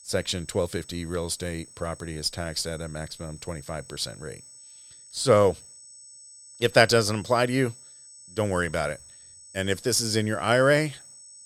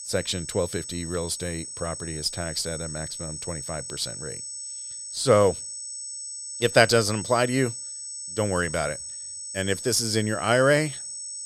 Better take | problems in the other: first | high-pitched whine; loud; throughout; 8 kHz, 8 dB below the speech; faint in the first

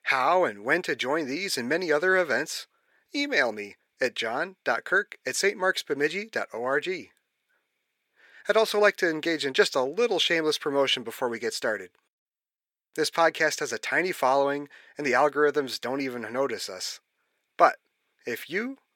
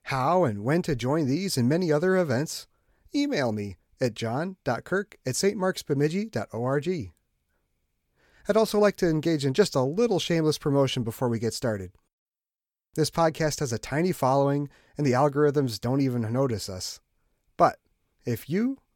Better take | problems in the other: second | thin; somewhat; fading below 400 Hz

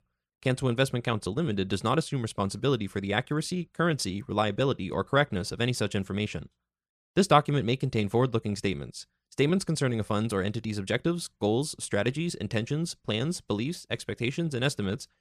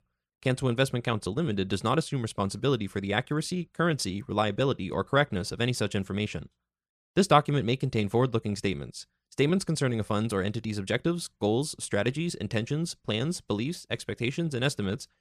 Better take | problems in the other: neither | none

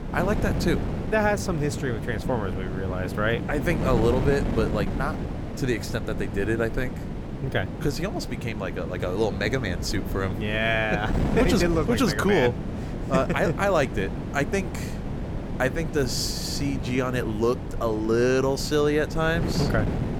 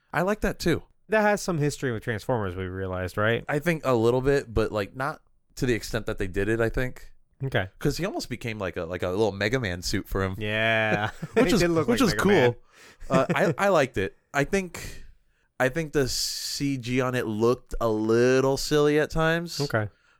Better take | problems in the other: second | wind noise on the microphone; heavy; 10 dB below the speech

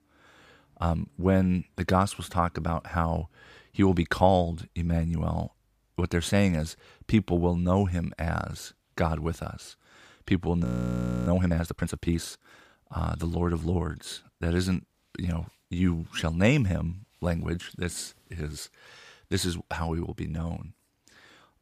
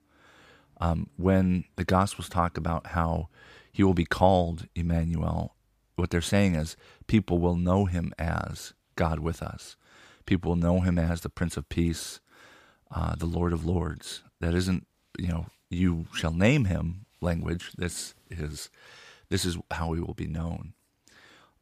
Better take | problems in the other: second | audio freezing; at 11 s for 0.5 s

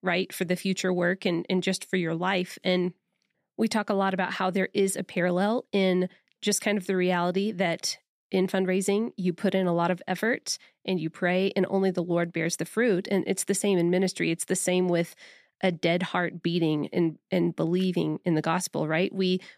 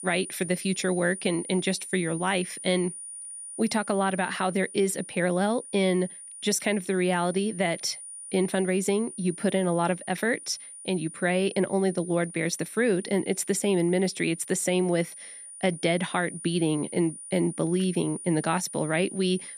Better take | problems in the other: first | high-pitched whine; noticeable; throughout; 9.5 kHz, 10 dB below the speech

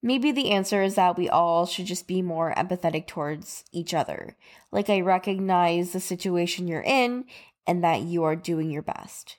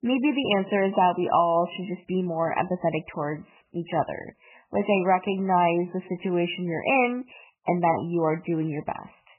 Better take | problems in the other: first | garbled, watery; badly; nothing above 3 kHz

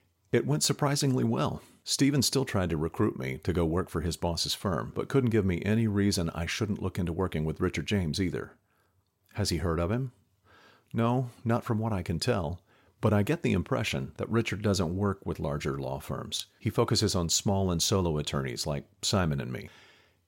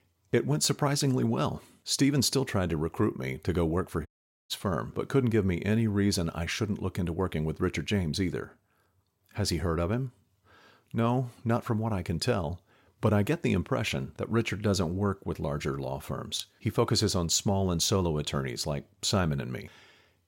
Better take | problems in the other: first | audio cutting out; at 4 s

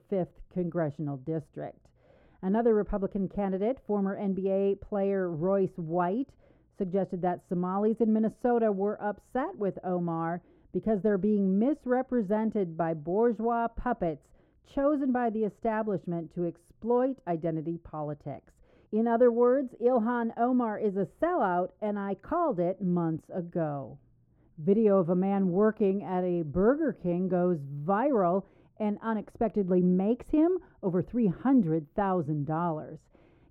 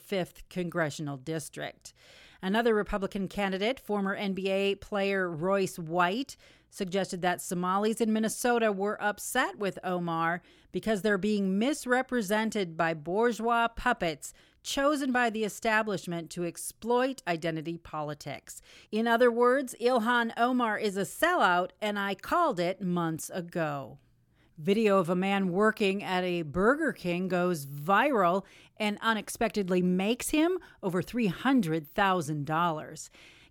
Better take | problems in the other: second | muffled; very; fading above 2 kHz

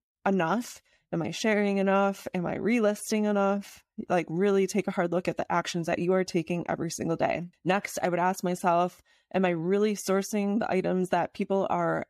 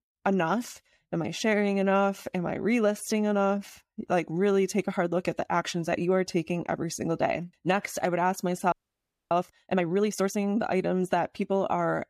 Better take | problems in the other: first | audio freezing; at 8.5 s for 0.5 s

